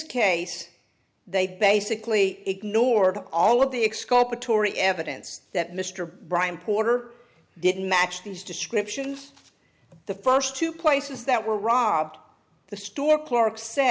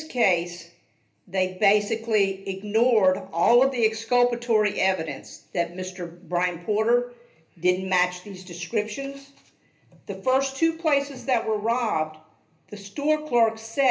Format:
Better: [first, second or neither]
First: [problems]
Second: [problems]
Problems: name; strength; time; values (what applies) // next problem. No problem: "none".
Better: first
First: none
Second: room echo; dies away in 0.3 s